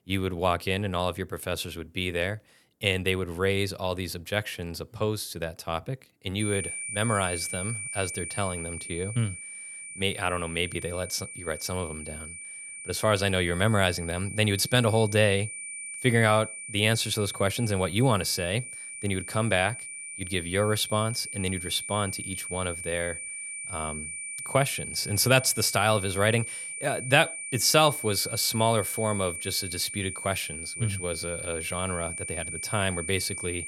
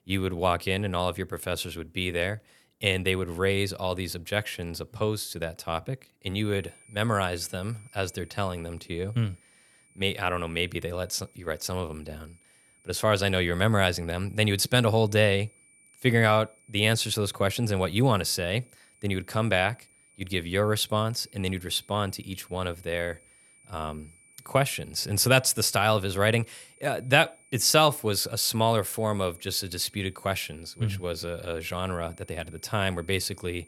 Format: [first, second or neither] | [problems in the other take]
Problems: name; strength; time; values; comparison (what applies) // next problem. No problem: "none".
second | high-pitched whine; loud; from 6.5 s on; 9 kHz, 7 dB below the speech; faint in the second